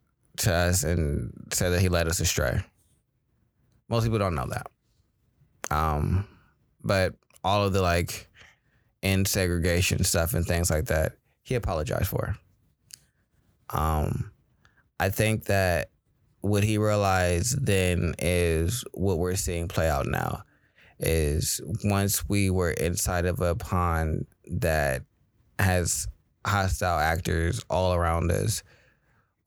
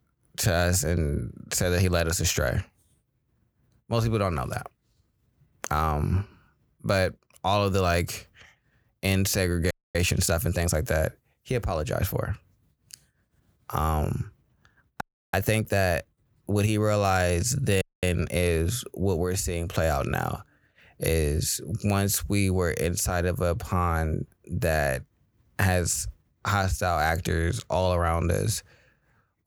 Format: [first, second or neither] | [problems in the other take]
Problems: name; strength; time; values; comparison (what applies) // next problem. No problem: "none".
first | audio freezing; at 9.5 s, at 15 s and at 18 s